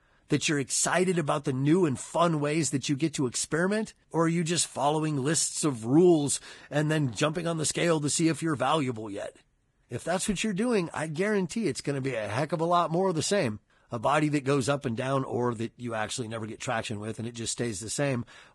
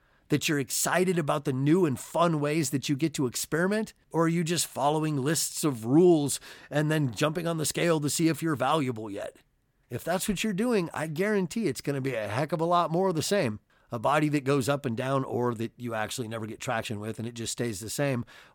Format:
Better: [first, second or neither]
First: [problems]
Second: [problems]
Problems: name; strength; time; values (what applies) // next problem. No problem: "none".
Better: second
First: garbled, watery; badly; nothing above 10.5 kHz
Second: none